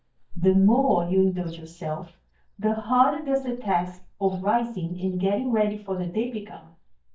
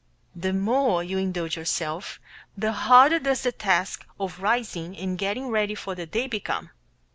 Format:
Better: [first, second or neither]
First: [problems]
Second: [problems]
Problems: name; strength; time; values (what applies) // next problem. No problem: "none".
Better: second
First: noise reduction (neural mask model DeepFilterNet 3)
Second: none